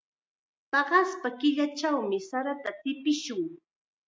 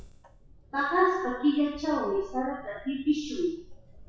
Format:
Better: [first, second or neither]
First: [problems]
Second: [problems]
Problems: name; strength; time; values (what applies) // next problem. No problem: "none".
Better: first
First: none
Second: noise reduction (classical method WPE with log-MMSE)